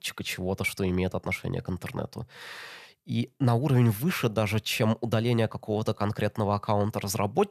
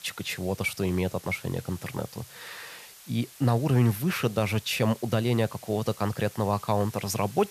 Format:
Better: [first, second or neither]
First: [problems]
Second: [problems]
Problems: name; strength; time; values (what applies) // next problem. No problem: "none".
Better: first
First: none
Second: hiss; noticeable; throughout; 20 dB below the speech